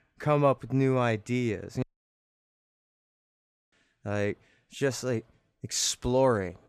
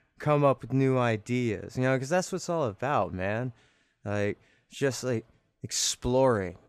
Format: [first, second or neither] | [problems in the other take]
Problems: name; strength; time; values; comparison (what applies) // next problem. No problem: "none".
second | audio cutting out; at 2 s for 2 s